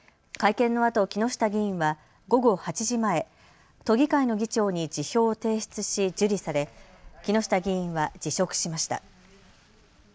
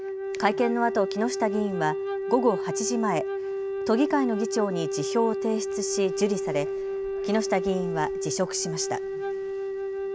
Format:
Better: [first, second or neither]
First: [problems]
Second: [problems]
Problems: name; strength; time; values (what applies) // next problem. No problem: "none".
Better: first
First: none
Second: background sound (Wind instrument, woodwind instrument); 2 dB below the speech